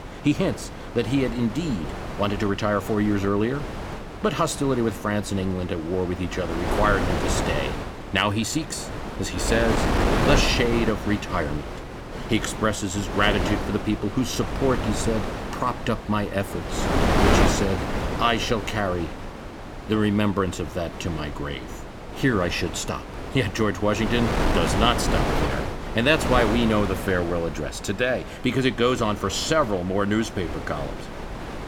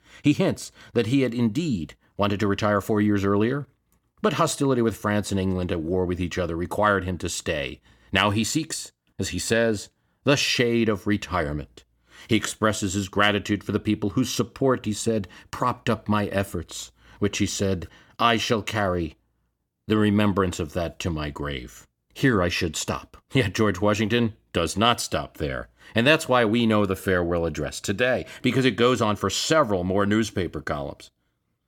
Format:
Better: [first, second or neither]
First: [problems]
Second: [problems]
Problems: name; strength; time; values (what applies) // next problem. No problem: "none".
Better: second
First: wind noise on the microphone; heavy; 5 dB below the speech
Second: none